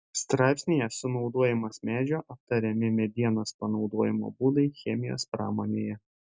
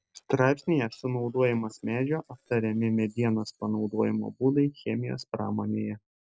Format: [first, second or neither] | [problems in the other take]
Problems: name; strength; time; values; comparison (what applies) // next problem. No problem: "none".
first | noise reduction (neural separator model SepFormer DNS4)